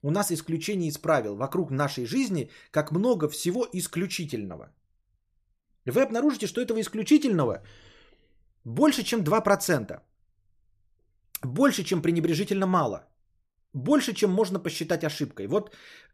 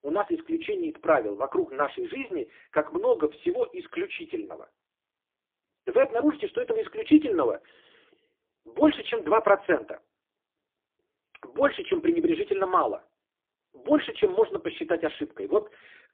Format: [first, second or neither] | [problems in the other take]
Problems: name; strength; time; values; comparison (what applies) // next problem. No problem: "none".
first | phone-call audio; poor line; nothing above 3.5 kHz